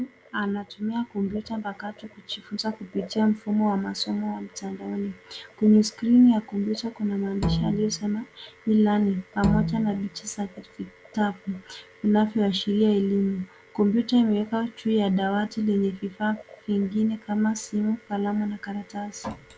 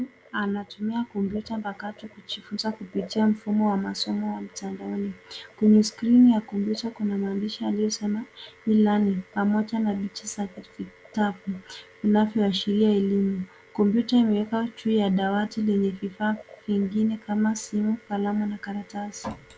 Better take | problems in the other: second | background sound (Bowed string instrument); 5 dB below the speech

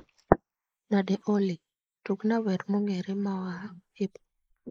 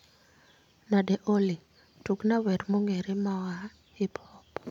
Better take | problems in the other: second | noise reduction (neural mask model Resemble Enhance denoiser)

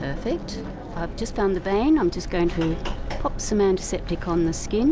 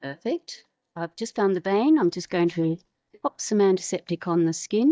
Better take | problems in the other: first | noise reduction (neural mask model DeepFilterNet 3)

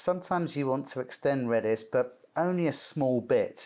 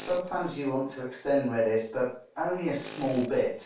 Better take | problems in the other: first | background sound (Tools); 20 dB below the speech // room echo; dies away in 0.3 s

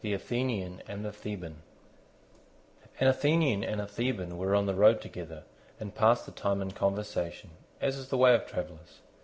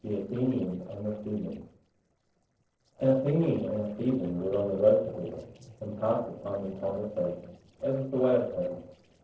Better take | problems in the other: first | noise reduction (neural separator model SepFormer DNS4)

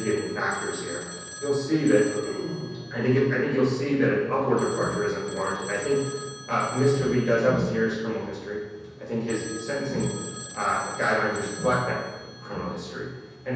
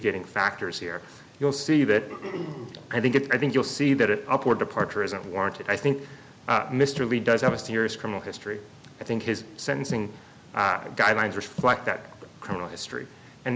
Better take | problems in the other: second | background sound (Telephone); 15 dB below the speech // room echo; dies away in 1.1 s

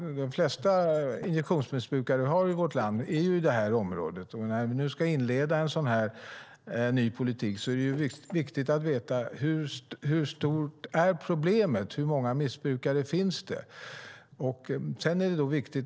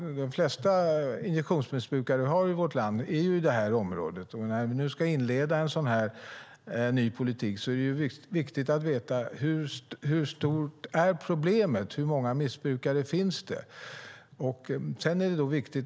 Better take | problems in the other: second | noise reduction (neural separator model SepFormer DNS4)

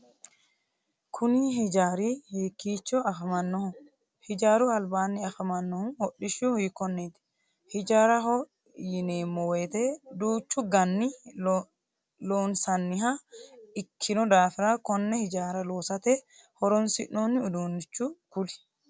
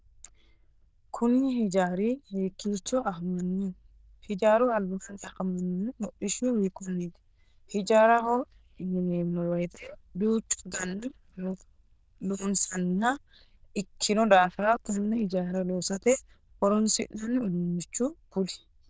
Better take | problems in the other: first | noise reduction (neural diffusion model UNIVERSE++)

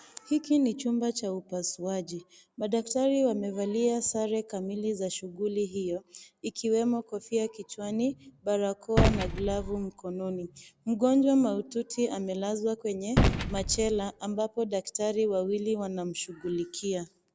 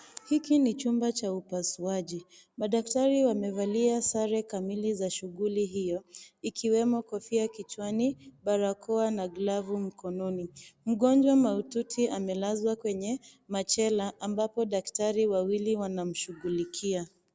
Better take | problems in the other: second | background sound (Gunshot, gunfire); 2 dB below the speech

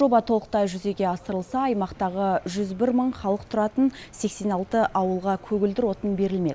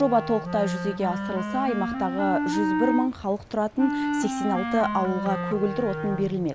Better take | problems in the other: first | background sound (Wind instrument, woodwind instrument); 3 dB below the speech

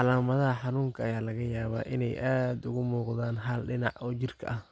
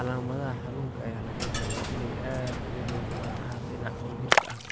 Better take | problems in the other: first | background sound (Splash, splatter + Coin (dropping)); 4 dB above the speech

